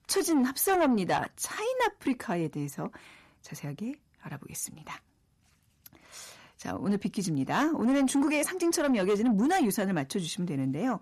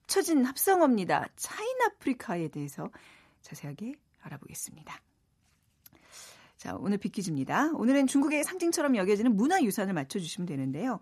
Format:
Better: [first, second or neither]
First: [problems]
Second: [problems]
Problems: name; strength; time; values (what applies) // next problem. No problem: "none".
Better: second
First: distortion; slight; 10 dB below the speech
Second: none